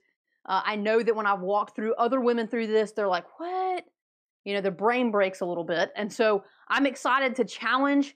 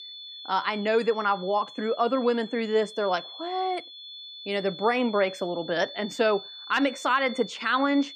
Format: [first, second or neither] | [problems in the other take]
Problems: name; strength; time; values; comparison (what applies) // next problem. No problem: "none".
first | high-pitched whine; noticeable; throughout; 3.5 kHz, 15 dB below the speech